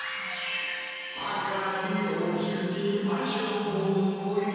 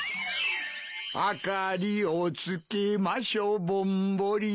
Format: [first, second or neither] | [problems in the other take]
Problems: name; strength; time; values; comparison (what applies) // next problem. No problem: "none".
second | background sound (Bowed string instrument); 19 dB below the speech // room echo; dies away in 2.1 s